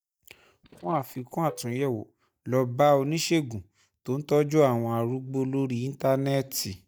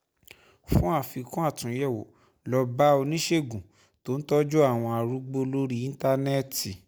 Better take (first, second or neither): second